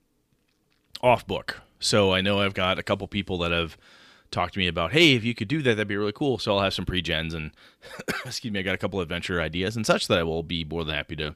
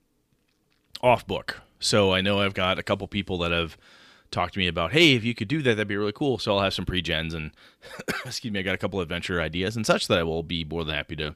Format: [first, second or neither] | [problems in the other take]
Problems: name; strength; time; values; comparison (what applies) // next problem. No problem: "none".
neither | none